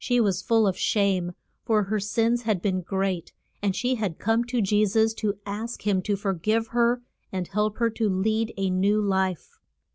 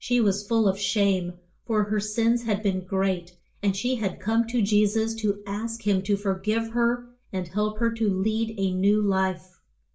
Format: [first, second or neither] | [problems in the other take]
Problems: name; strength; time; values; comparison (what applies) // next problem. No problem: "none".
first | room echo; dies away in 0.3 s